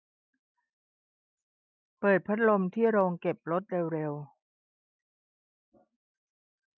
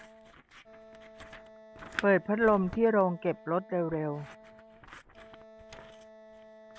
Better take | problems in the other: first | background sound (Wind instrument, woodwind instrument + Scissors); 16 dB below the speech

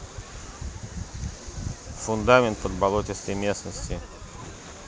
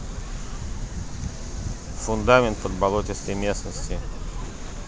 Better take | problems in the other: first | background sound (Church bell); 6 dB below the speech

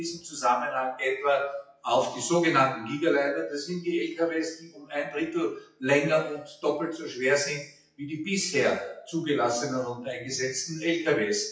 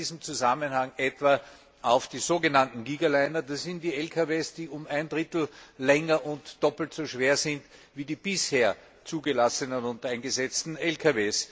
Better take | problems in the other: second | noise reduction (classical method WPE with log-MMSE)

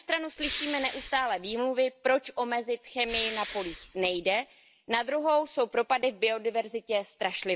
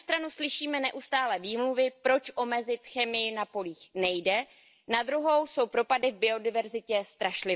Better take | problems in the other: second | background sound (Respiratory sounds); 11 dB below the speech

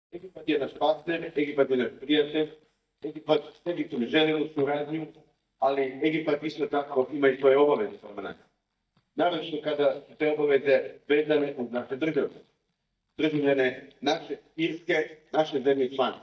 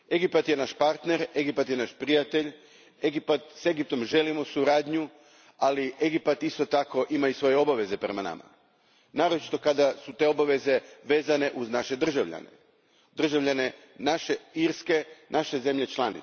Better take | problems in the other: second | noise reduction (neural mask model DeepFilterNet 3)

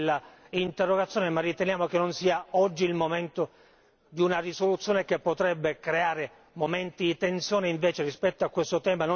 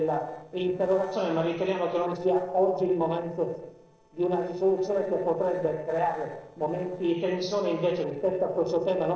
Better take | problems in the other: first | noise reduction (neural separator model SepFormer DNS4)

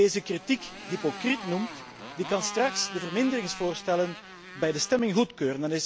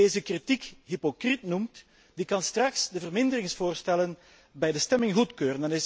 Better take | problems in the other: second | background sound (Motorcycle); 13 dB below the speech

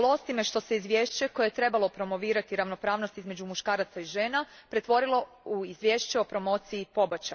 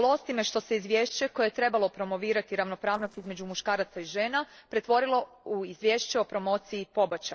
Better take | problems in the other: first | noise reduction (neural separator model SepFormer DNS4)

